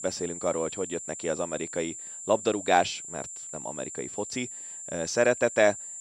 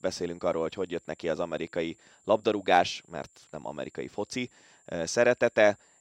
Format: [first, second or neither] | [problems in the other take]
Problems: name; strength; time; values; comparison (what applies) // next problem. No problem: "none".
second | high-pitched whine; loud; throughout; 7.5 kHz, 9 dB below the speech; faint in the second